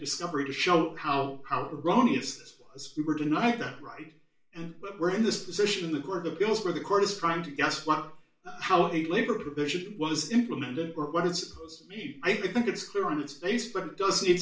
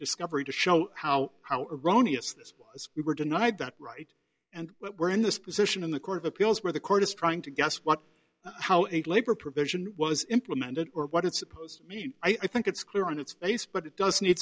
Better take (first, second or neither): second